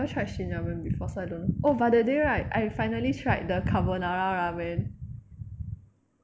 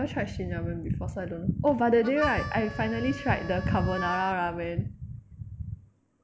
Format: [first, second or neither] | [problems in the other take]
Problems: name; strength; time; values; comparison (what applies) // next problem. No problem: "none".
first | background sound (Harmonica); 10 dB below the speech